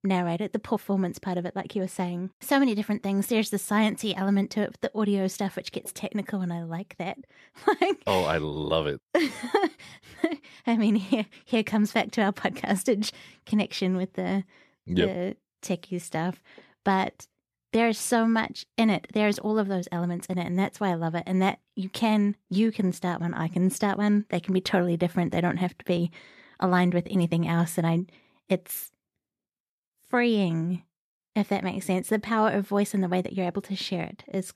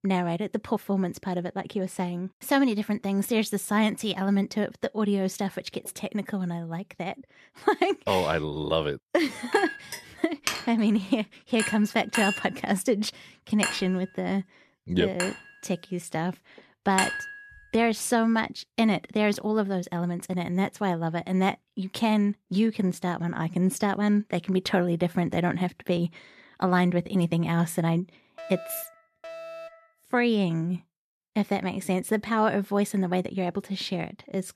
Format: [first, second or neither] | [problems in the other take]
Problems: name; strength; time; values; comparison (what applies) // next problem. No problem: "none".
first | clattering dishes; noticeable; from 9.5 to 17 s; peak level with the speech // alarm; faint; from 28 to 30 s; peak 10 dB below the speech